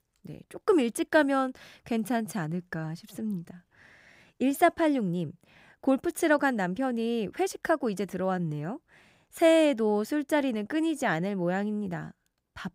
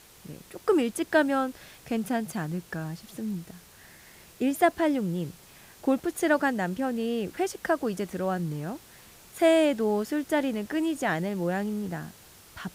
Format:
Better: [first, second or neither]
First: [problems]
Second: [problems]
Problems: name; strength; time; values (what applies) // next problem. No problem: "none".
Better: first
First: none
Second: hiss; faint; throughout; 25 dB below the speech